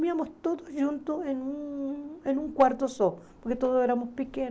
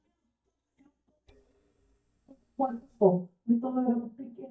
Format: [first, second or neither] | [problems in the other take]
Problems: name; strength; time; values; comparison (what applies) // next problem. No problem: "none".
first | noise reduction (neural mask model DeepFilterNet 3)